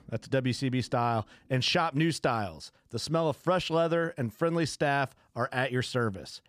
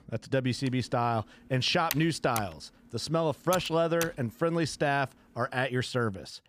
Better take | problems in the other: first | keyboard typing; noticeable; from 0.5 to 4 s; peak 7 dB below the speech

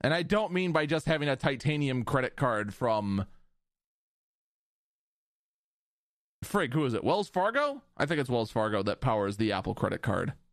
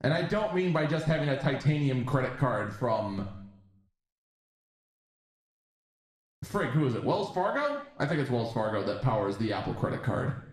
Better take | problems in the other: first | room echo; slight; dies away in 0.7 s // off-mic speech; somewhat distant

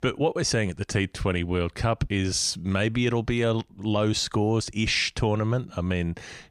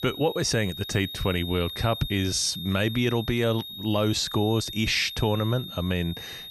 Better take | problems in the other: first | high-pitched whine; loud; throughout; 3.5 kHz, 9 dB below the speech

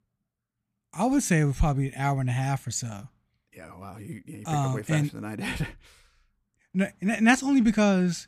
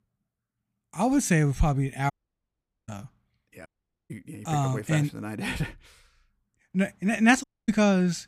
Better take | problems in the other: first | audio cutting out; at 2 s for 1 s, at 3.5 s and at 7.5 s

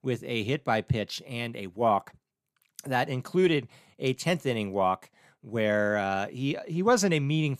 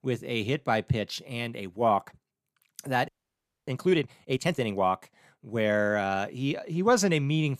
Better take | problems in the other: first | audio freezing; at 3 s for 0.5 s

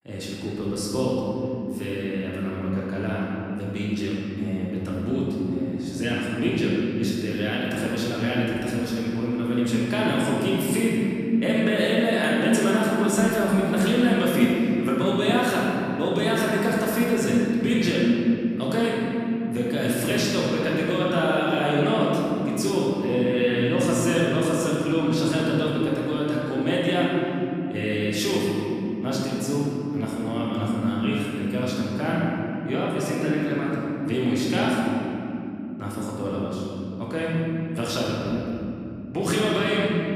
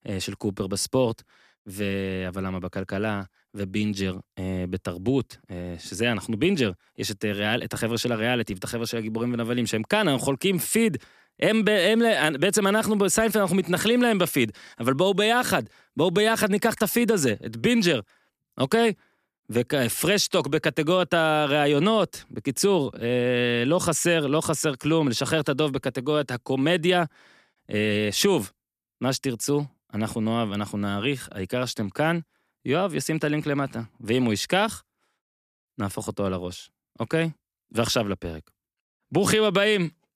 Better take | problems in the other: second | room echo; strong; dies away in 3 s // off-mic speech; far

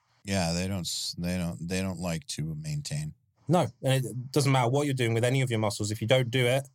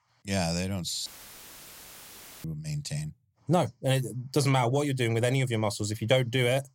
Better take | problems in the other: first | audio cutting out; filled with static; at 1 s for 1.5 s

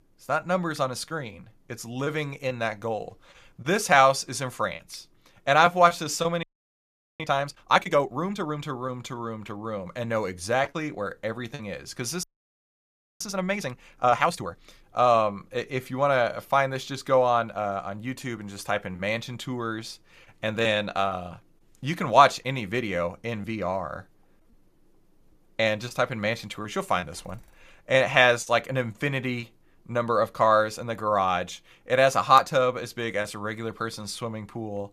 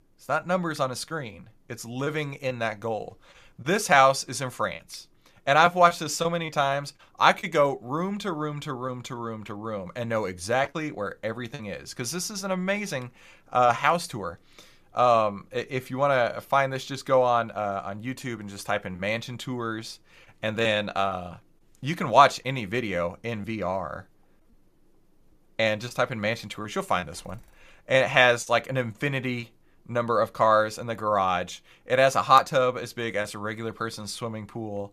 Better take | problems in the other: second | audio freezing; at 6.5 s for 1 s and at 12 s for 1 s

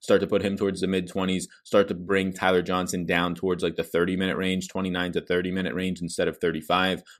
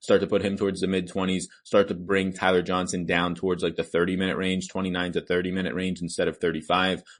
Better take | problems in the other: first | garbled, watery; slightly; nothing above 10 kHz

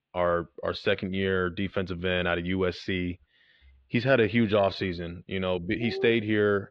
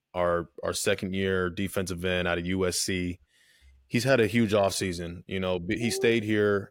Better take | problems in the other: second | muffled; slightly; fading above 4 kHz

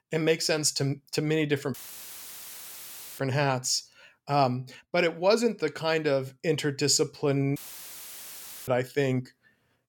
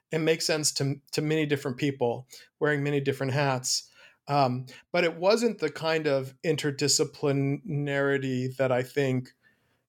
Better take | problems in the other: second | audio cutting out; filled with static; at 1.5 s for 1.5 s and at 7.5 s for 1 s

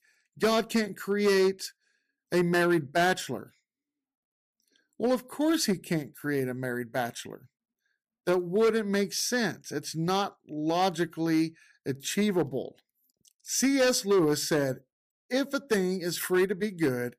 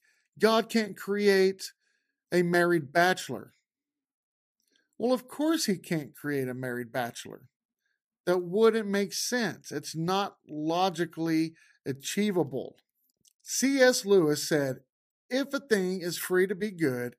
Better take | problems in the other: second | distortion; slight; 4% of the sound clipped

